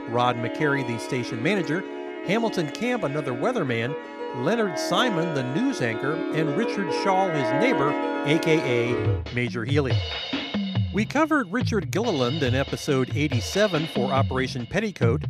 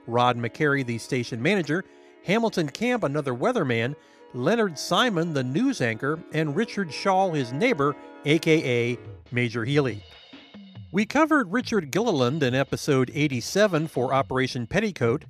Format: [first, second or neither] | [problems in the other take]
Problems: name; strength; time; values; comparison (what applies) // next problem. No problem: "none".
second | background music; loud; throughout; 4 dB below the speech; faint in the second